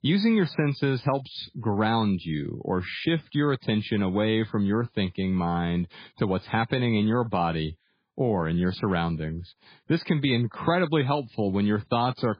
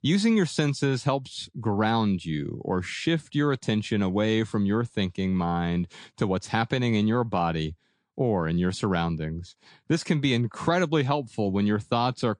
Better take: second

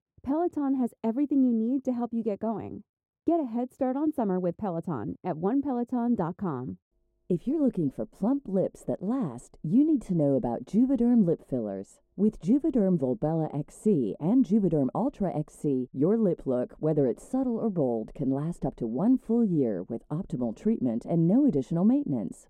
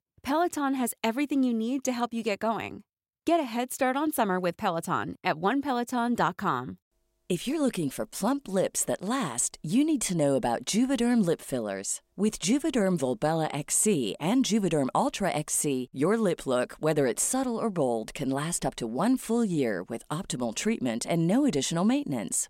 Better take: second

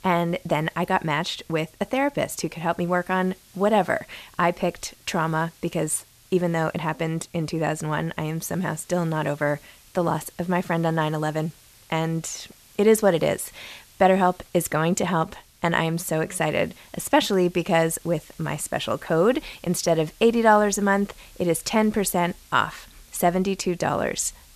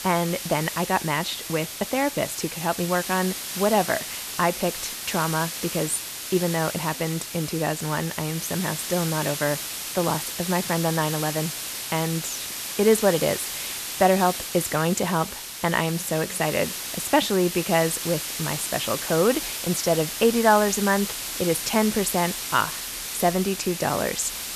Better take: first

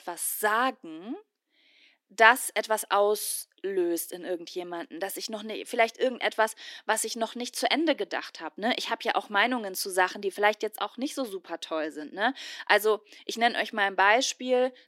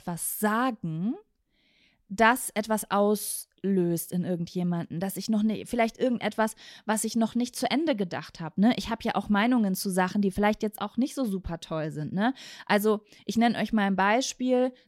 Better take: second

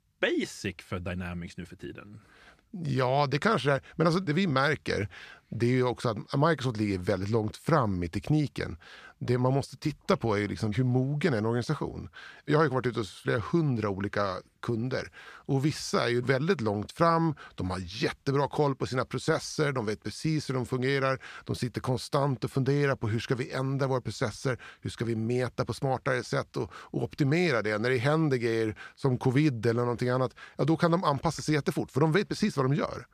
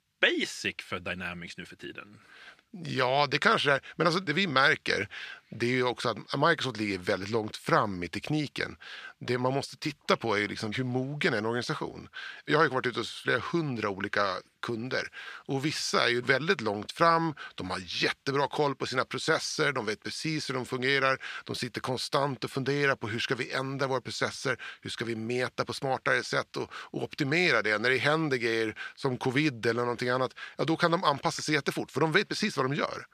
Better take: first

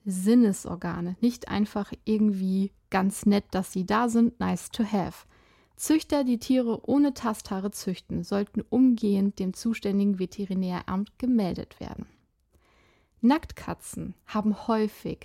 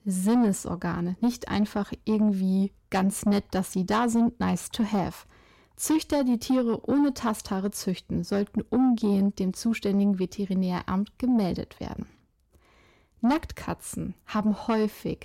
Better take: first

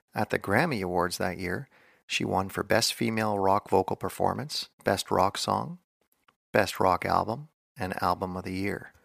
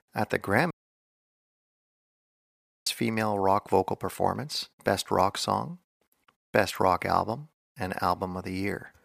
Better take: first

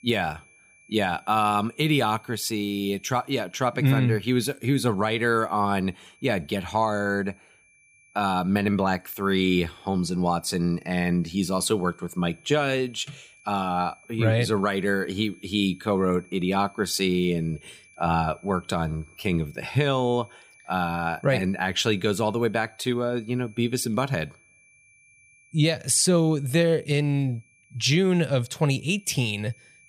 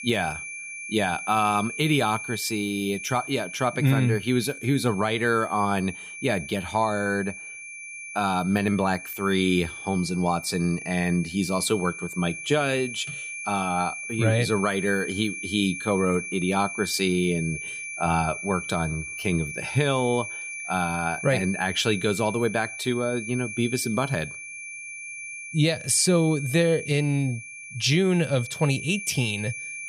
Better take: first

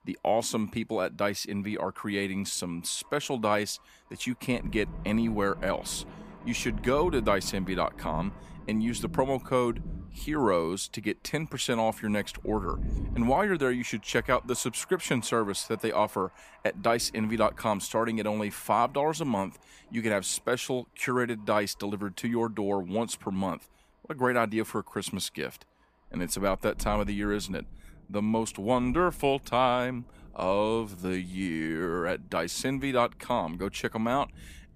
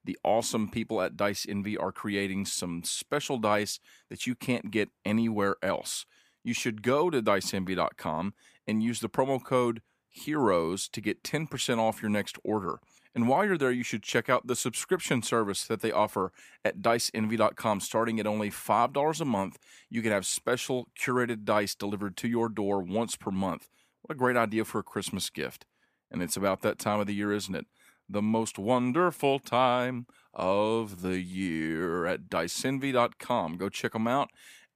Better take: second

